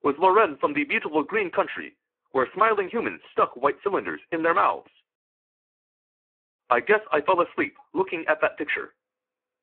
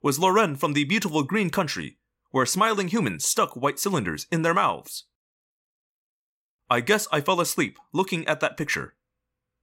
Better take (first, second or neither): second